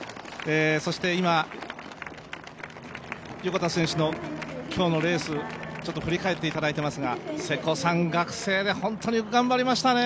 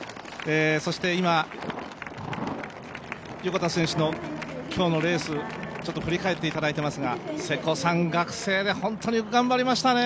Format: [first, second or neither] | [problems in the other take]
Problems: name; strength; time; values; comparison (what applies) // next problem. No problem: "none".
first | background sound (Thunder); 16 dB below the speech